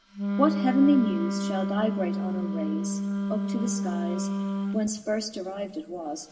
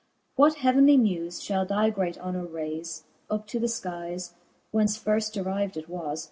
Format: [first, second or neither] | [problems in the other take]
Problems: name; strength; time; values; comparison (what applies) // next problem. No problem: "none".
second | background sound (Wind instrument, woodwind instrument); 1 dB below the speech // room echo; dies away in 2.4 s